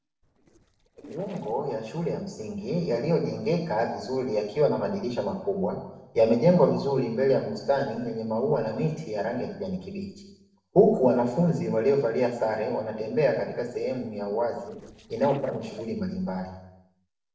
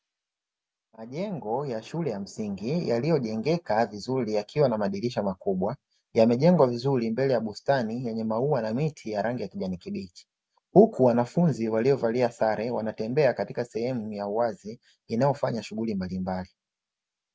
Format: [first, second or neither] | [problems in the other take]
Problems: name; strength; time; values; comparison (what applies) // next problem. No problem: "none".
second | noise reduction (neural separator model SepFormer DNS4)